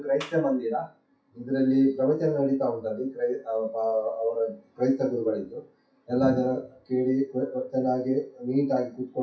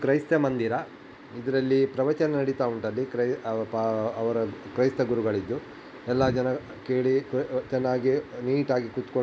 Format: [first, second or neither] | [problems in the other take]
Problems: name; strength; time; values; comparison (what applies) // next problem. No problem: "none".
second | noise reduction (classical method WPE with log-MMSE)